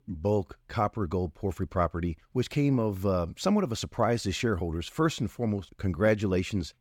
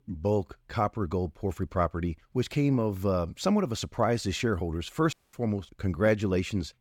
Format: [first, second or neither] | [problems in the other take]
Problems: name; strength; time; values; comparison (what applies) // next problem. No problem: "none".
first | audio cutting out; at 5 s